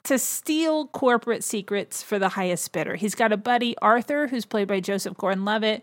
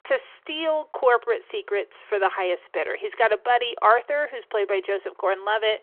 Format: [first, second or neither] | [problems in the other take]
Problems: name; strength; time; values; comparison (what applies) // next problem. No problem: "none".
first | phone-call audio